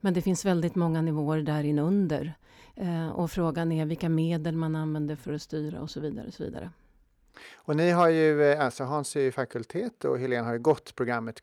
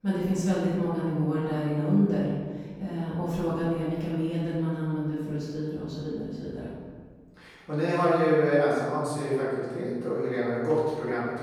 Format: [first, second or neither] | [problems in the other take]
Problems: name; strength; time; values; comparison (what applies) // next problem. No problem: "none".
first | room echo; strong; dies away in 1.5 s // off-mic speech; far